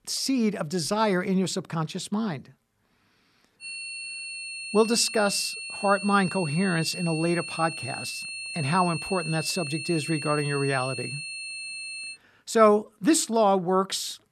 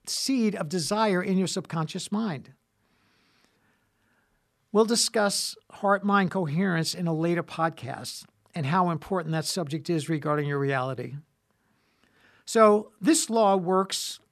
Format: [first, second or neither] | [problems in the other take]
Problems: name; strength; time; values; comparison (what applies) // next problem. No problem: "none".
second | high-pitched whine; loud; from 3.5 to 12 s; 2.5 kHz, 8 dB below the speech